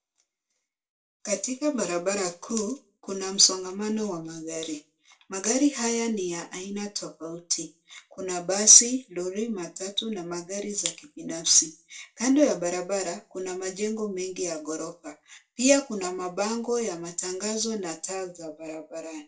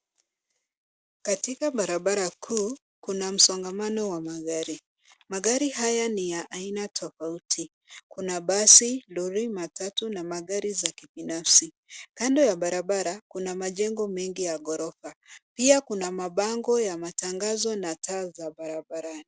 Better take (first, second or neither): second